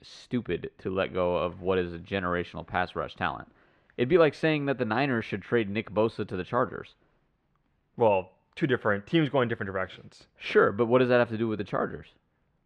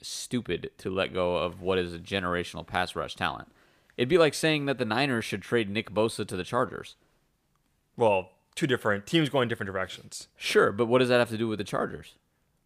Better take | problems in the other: second | muffled; slightly; fading above 2.5 kHz

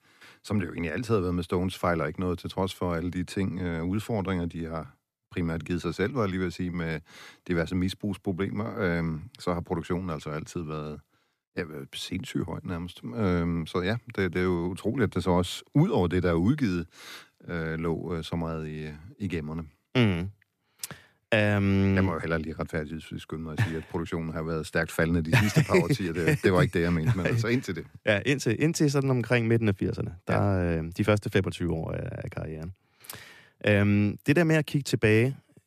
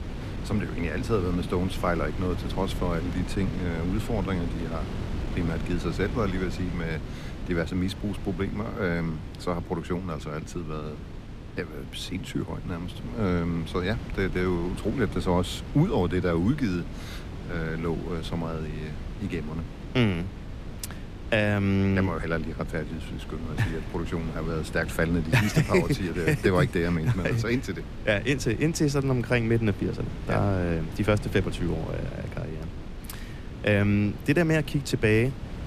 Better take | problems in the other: first | wind noise on the microphone; occasional gusts; 15 dB below the speech

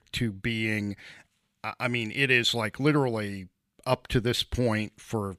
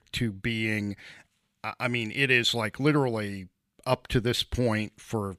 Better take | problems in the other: neither | none

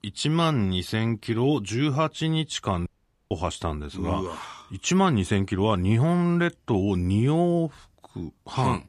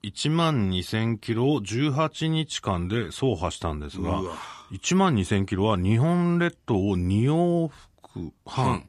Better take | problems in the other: second | audio cutting out; at 3 s

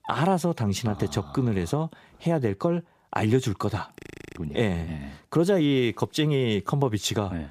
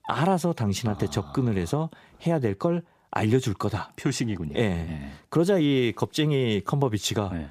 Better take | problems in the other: second | audio freezing; at 4 s

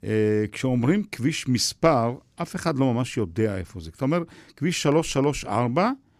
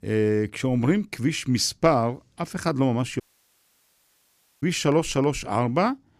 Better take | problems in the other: first | audio cutting out; at 3 s for 1.5 s

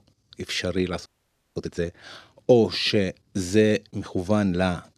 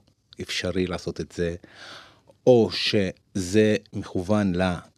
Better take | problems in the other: second | audio freezing; at 1 s for 0.5 s

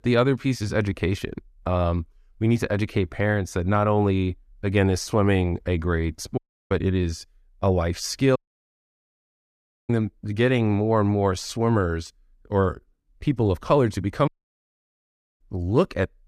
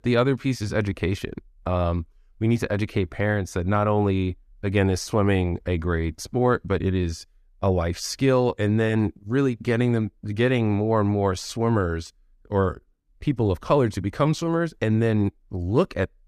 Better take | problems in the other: second | audio cutting out; at 6.5 s, at 8.5 s for 1.5 s and at 14 s for 1 s

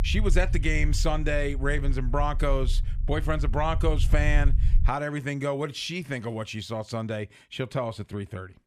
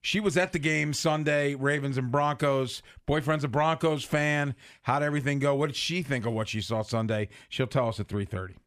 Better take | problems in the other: second | low rumble; noticeable; until 5 s; 20 dB below the speech

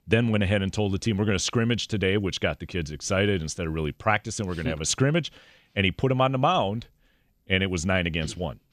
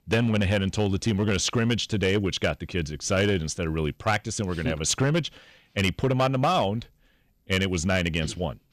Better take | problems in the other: first | distortion; slight; 5% of the sound clipped

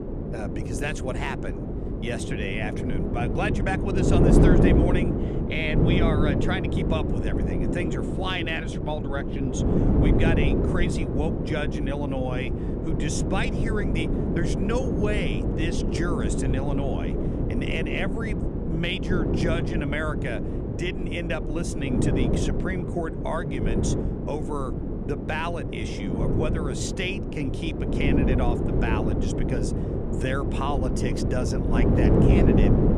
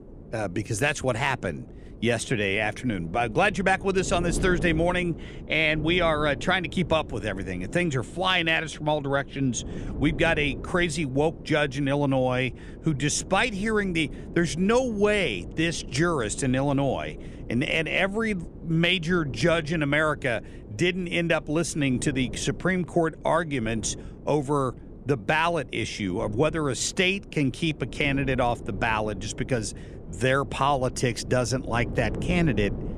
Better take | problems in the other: second | wind noise on the microphone; heavy; as loud as the speech; occasional gusts in the second

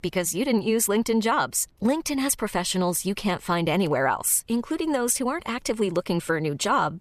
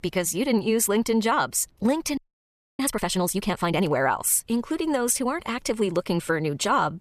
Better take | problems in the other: first | audio freezing; at 2 s for 0.5 s

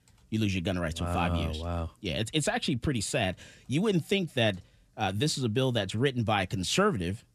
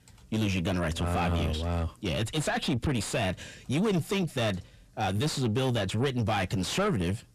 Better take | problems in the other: first | distortion; heavy; 7 dB below the speech

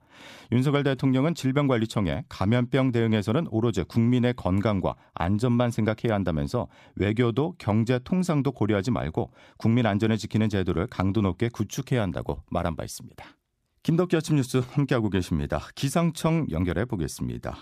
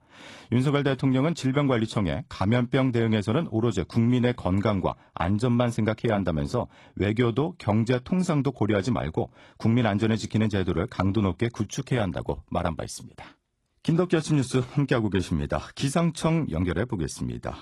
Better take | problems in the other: first | garbled, watery; slightly; nothing above 11 kHz

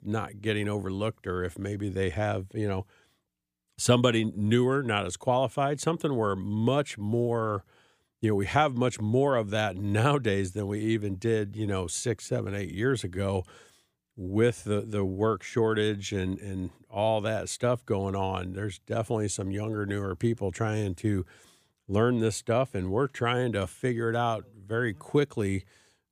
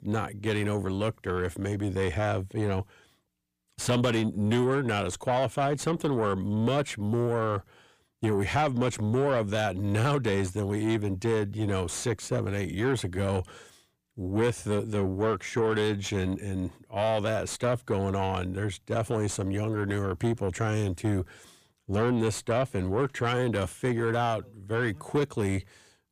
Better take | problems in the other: first | distortion; slight; 10 dB below the speech

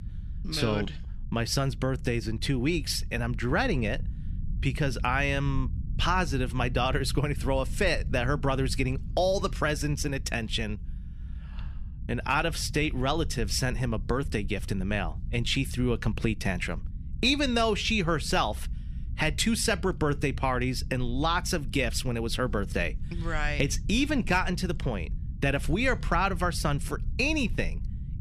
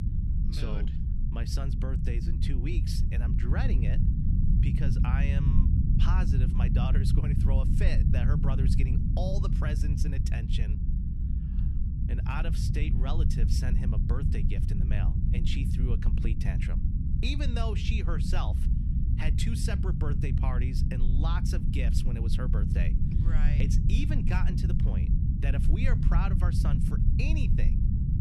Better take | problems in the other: first | low rumble; loud; throughout; 2 dB below the speech; faint in the first

